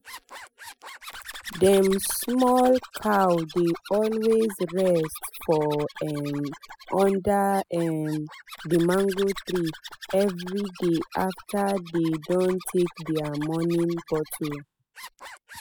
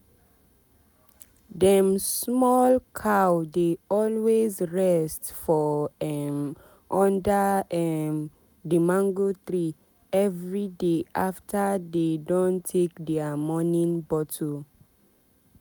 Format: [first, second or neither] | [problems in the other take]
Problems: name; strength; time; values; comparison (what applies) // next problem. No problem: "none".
second | noise reduction (classical method spectral subtraction)